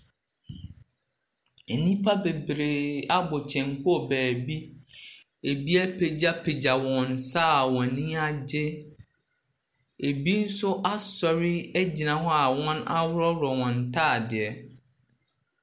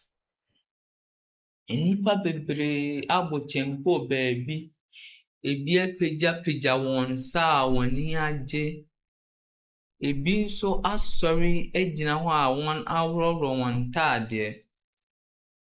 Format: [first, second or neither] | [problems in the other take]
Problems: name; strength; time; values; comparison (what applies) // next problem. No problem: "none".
first | noise reduction (neural mask model Resemble Enhance denoiser)